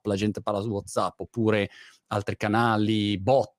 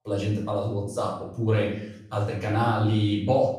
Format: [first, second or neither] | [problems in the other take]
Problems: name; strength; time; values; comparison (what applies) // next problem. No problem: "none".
first | off-mic speech; far // room echo; noticeable; dies away in 0.7 s